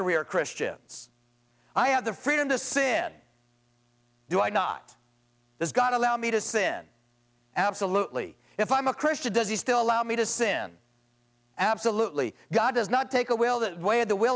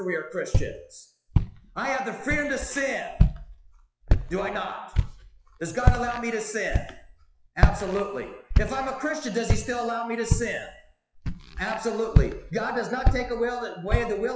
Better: first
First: none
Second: noise reduction (classical method WPE with log-MMSE)

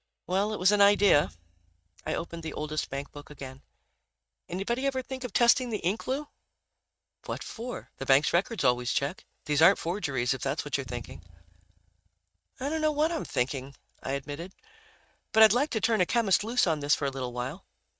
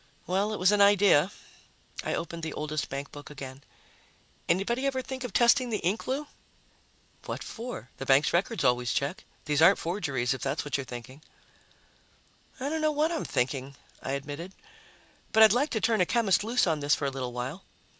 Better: second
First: noise reduction (neural mask model RNNoise)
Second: none

